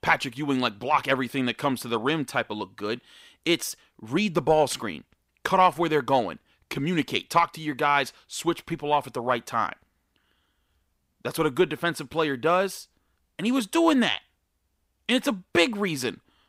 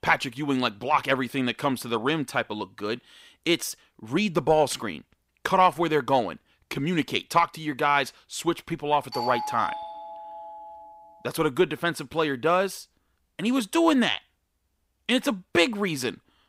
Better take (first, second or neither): first